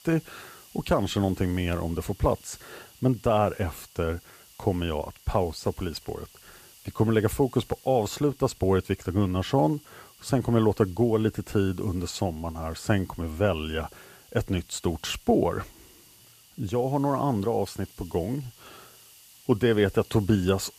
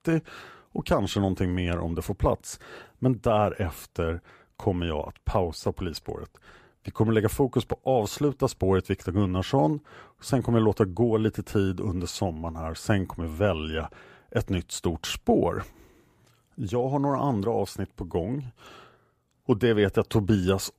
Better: second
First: hiss; faint; throughout; 25 dB below the speech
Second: none

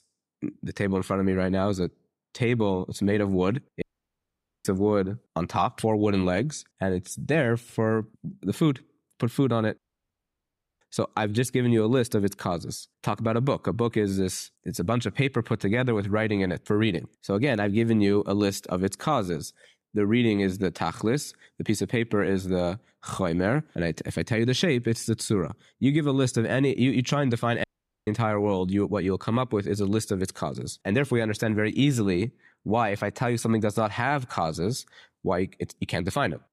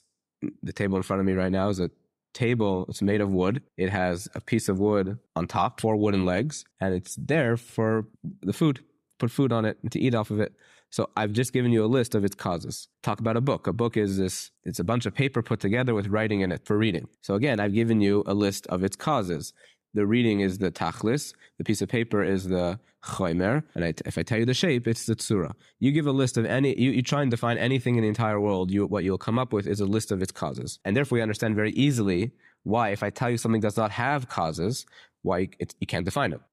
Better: second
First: audio cutting out; at 4 s for 1 s, at 10 s for 1 s and at 28 s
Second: none

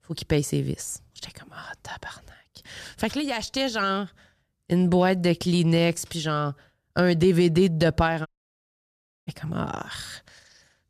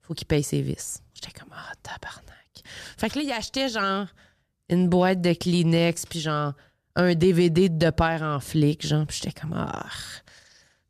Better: second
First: audio cutting out; at 8.5 s for 1 s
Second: none

